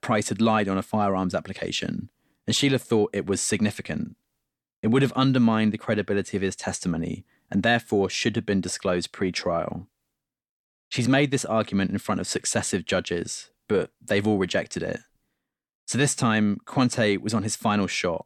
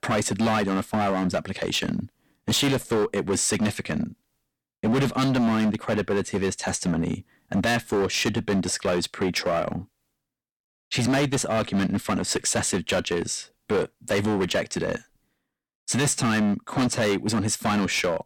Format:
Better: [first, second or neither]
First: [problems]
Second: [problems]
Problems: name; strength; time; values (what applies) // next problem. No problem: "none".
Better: first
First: none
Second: distortion; heavy; 15% of the sound clipped